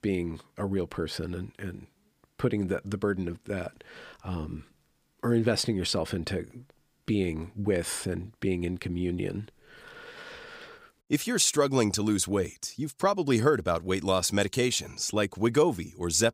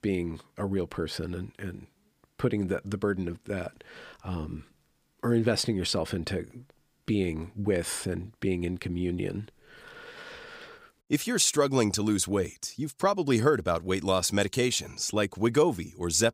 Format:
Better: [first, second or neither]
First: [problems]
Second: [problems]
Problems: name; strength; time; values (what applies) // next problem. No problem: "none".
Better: neither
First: none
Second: none